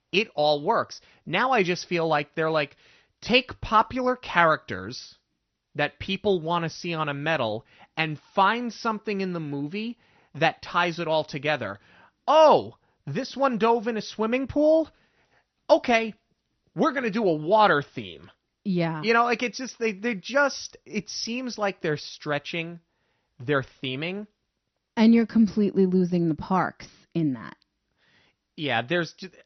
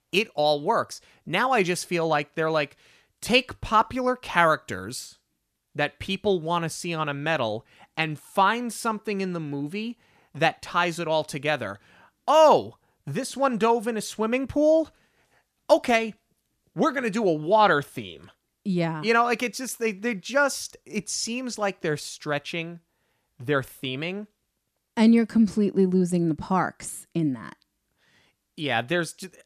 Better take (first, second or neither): second